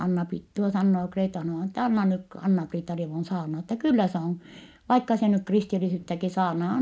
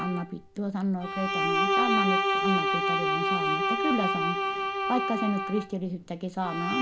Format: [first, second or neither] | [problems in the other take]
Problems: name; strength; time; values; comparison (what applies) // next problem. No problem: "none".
first | background sound (Bowed string instrument); 3 dB above the speech